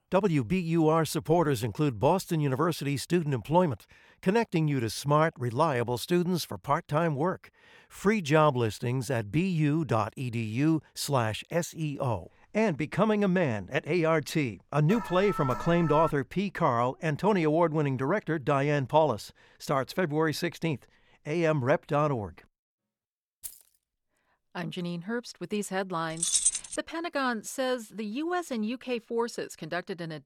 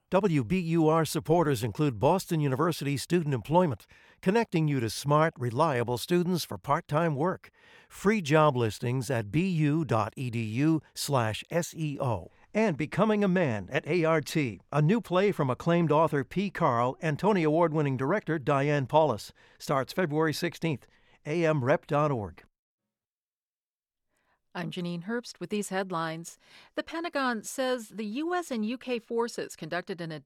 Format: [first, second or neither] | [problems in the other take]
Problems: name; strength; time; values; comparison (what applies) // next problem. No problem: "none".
second | alarm; noticeable; from 15 to 16 s; peak 7 dB below the speech // jangling keys; faint; at 23 s; peak 15 dB below the speech // jangling keys; loud; at 26 s; peak 4 dB above the speech